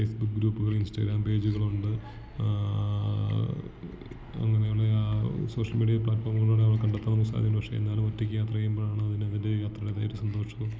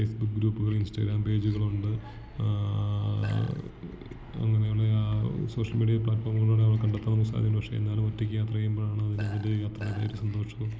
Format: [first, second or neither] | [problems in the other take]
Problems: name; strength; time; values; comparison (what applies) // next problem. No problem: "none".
first | background sound (Burping, eructation); 19 dB below the speech